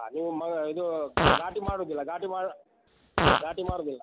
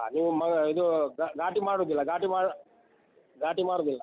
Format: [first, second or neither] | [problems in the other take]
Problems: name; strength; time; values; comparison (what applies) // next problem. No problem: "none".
second | background sound (Fart); 3 dB above the speech